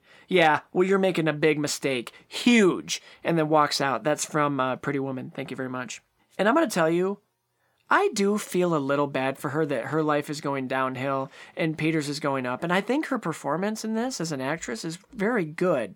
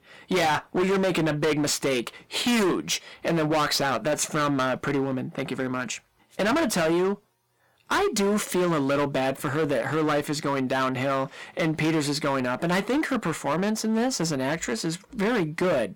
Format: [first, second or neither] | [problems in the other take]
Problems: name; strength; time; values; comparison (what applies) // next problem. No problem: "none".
first | distortion; heavy; 18% of the sound clipped